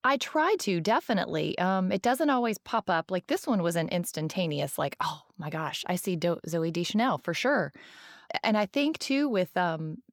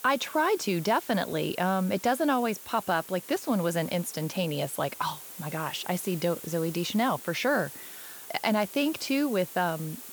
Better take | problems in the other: first | hiss; noticeable; throughout; 15 dB below the speech

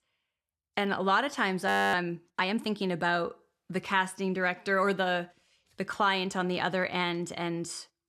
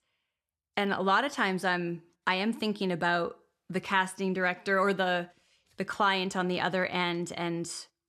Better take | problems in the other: second | audio freezing; at 1.5 s

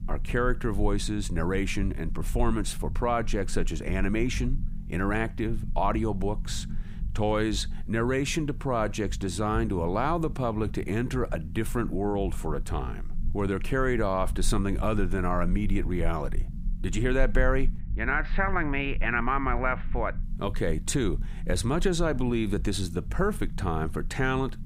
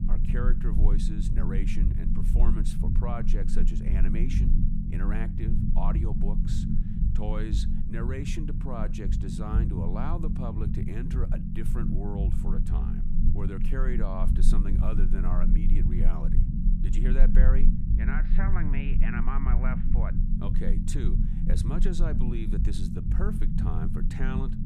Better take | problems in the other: first | low rumble; loud; throughout; 2 dB below the speech; faint in the first

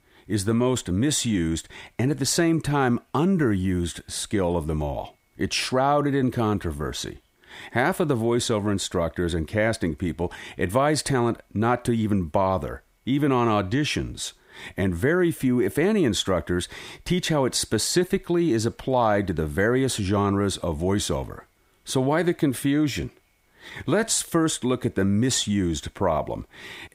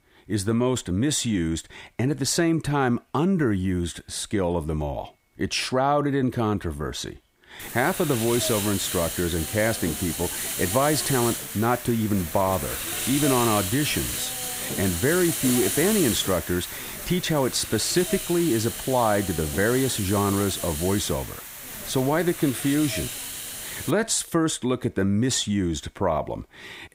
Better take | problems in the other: first | hiss; loud; from 7.5 to 24 s; 4 dB below the speech

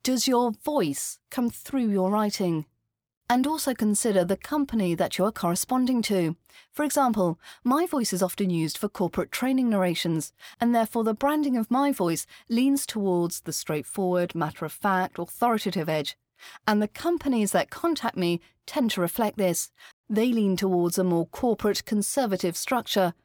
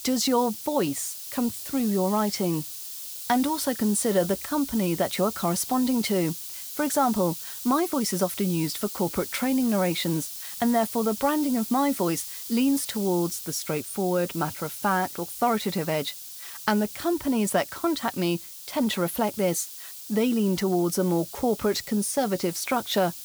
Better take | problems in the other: first | hiss; loud; throughout; 9 dB below the speech

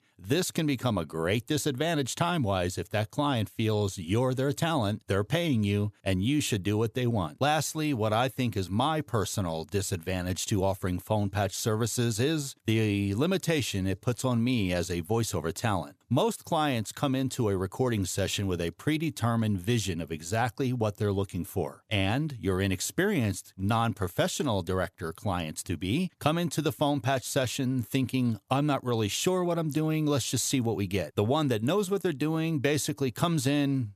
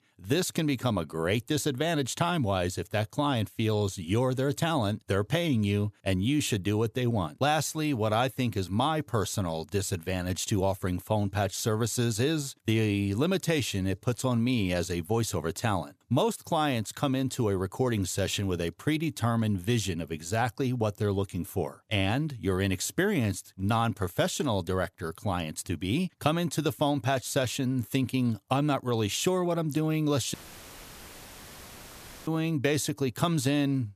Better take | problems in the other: first | audio cutting out; filled with static; at 30 s for 2 s

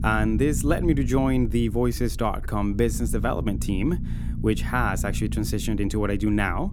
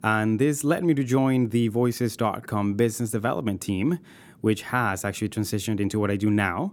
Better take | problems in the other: second | low rumble; noticeable; throughout; 15 dB below the speech

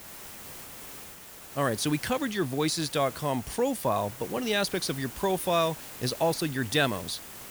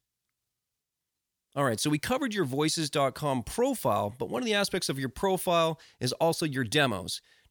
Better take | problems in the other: second | hiss; noticeable; throughout; 15 dB below the speech

